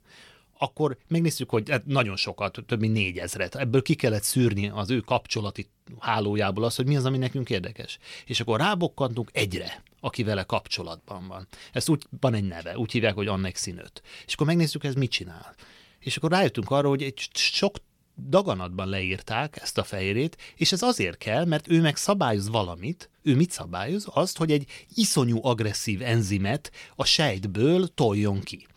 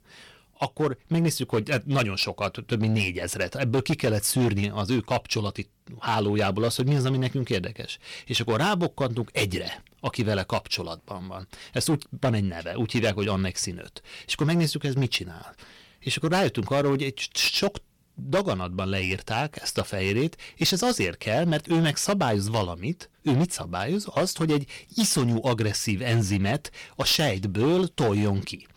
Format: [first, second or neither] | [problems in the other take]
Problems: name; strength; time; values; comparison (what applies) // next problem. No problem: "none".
first | distortion; slight; 7% of the sound clipped